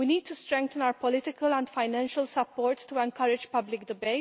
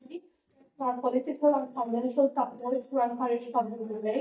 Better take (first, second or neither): first